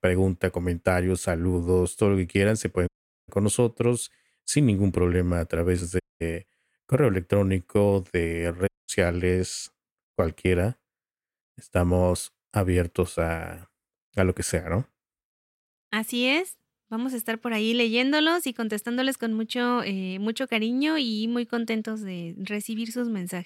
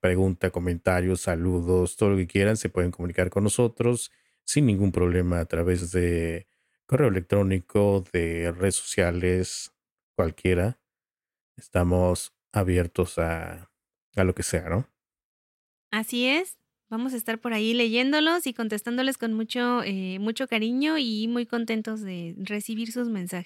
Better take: second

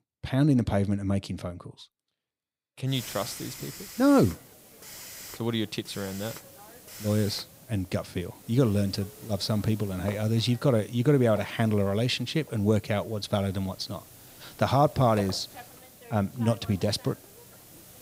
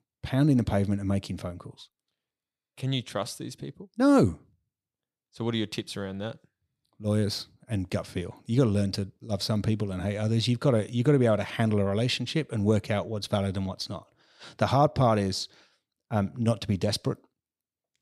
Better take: second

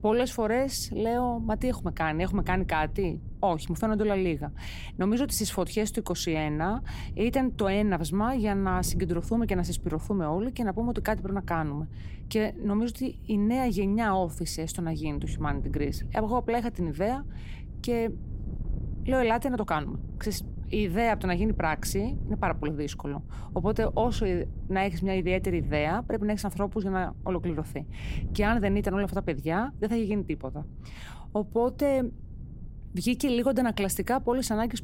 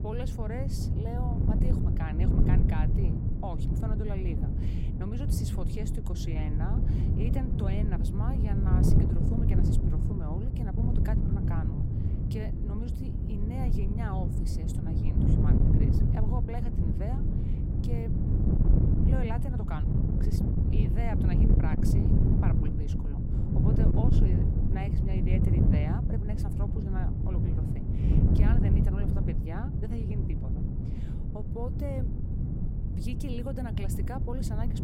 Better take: first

